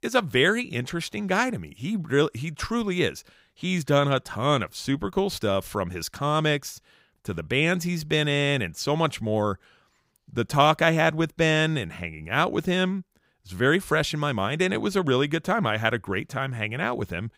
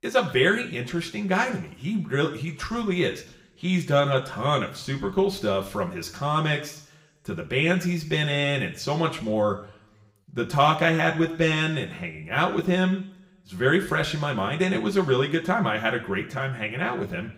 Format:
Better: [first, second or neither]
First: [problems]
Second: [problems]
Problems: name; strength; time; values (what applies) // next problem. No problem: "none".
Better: first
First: none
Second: room echo; very slight; dies away in 0.6 s